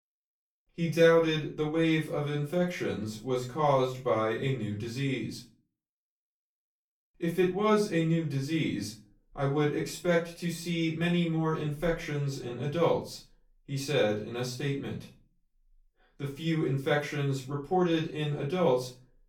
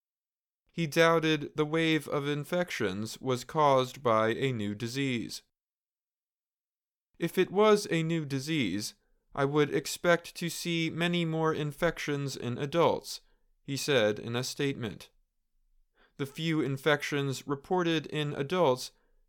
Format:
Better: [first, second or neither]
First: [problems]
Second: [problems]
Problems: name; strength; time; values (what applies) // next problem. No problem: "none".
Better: second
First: off-mic speech; far // room echo; slight; dies away in 0.3 s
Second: none